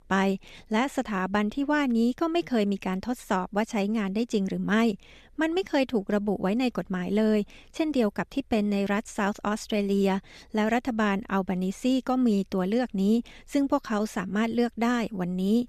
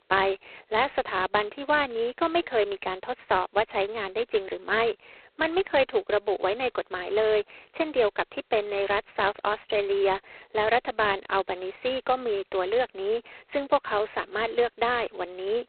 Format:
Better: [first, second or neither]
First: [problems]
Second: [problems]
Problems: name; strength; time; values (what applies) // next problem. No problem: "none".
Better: first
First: none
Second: phone-call audio; poor line; nothing above 4 kHz